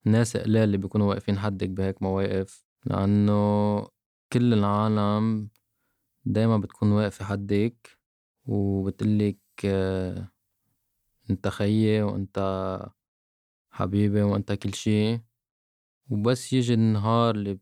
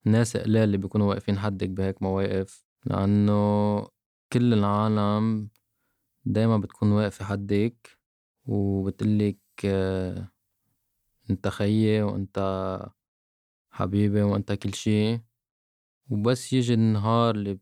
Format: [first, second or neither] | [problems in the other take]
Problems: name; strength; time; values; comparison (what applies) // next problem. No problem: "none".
neither | none